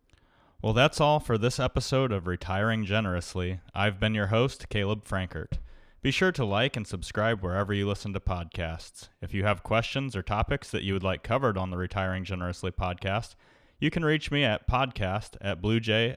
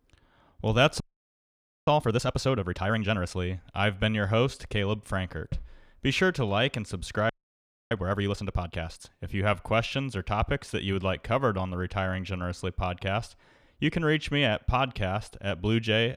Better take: first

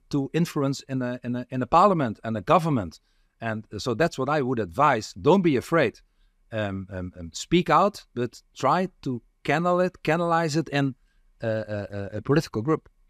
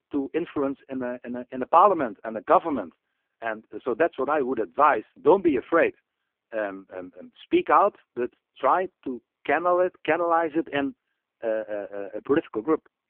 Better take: first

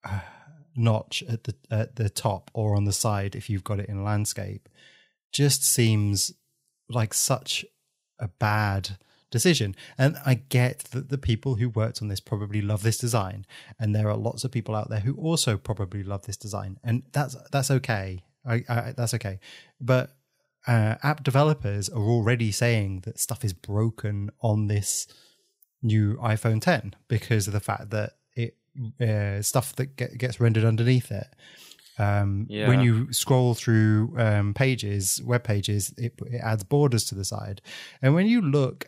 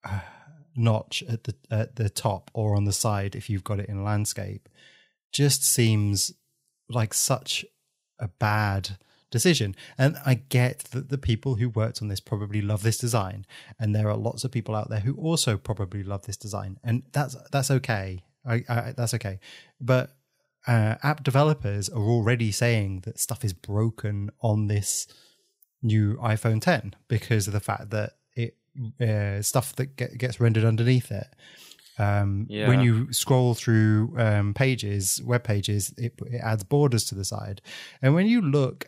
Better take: neither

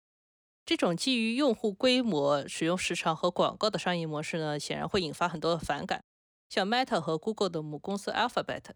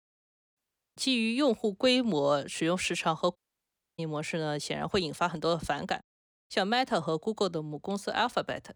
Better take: first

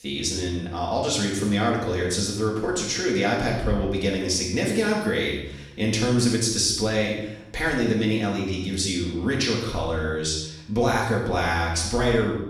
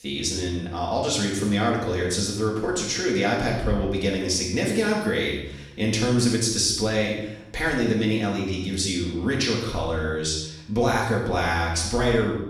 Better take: neither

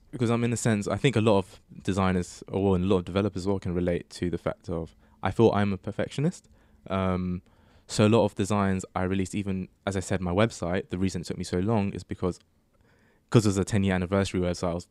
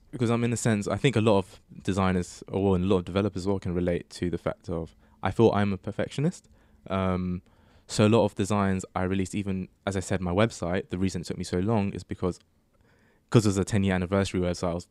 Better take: neither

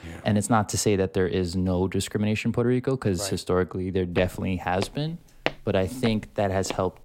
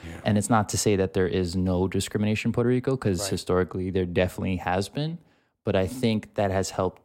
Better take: second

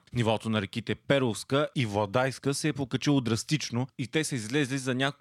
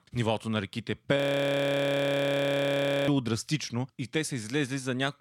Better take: first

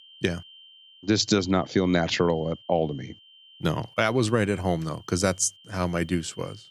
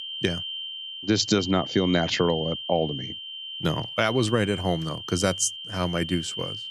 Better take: first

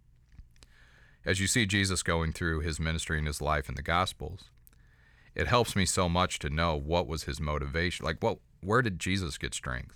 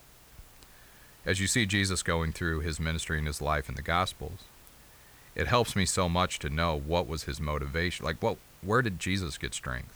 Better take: first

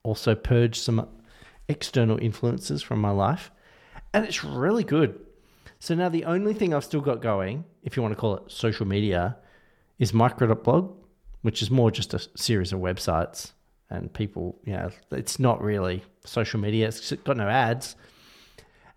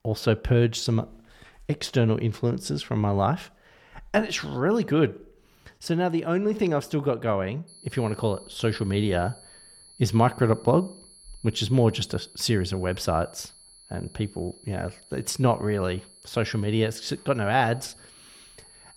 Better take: first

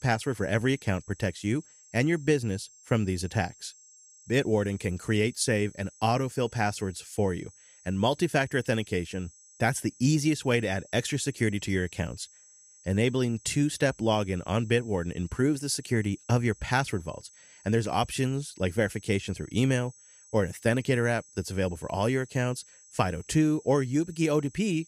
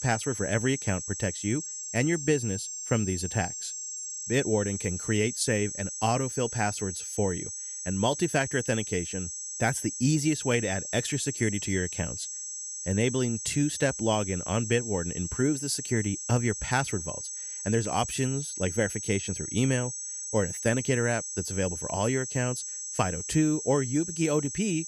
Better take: first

